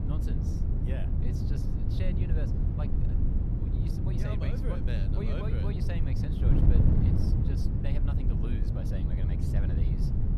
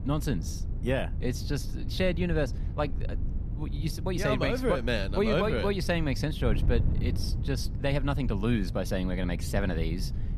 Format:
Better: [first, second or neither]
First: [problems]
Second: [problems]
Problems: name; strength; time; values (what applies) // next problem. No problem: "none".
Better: second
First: wind noise on the microphone; heavy; 3 dB above the speech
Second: wind noise on the microphone; occasional gusts; 15 dB below the speech